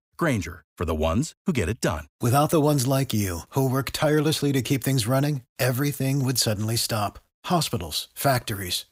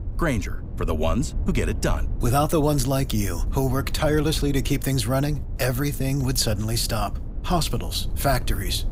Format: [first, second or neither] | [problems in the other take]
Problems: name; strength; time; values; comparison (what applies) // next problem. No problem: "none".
first | low rumble; noticeable; throughout; 20 dB below the speech